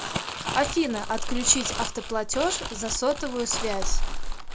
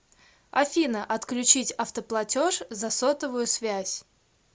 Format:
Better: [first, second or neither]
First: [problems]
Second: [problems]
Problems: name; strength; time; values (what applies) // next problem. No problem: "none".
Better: second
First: background sound (Crumpling, crinkling); 1 dB below the speech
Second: none